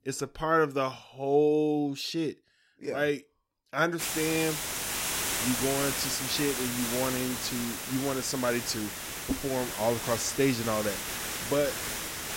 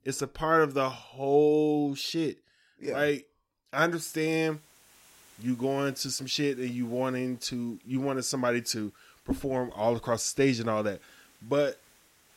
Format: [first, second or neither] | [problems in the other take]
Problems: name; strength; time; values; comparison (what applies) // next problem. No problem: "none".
second | hiss; loud; from 4 s on; 2 dB below the speech; faint in the second